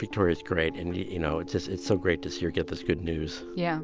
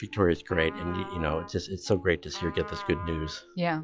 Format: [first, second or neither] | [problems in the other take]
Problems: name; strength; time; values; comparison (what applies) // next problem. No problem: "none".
first | noise reduction (classical method log-MMSE)